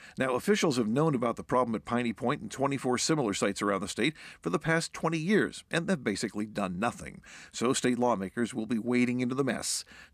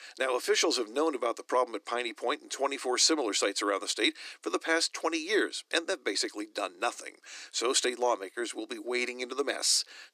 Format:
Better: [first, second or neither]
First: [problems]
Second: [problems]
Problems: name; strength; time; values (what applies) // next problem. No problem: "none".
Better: first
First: none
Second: thin; very; fading below 300 Hz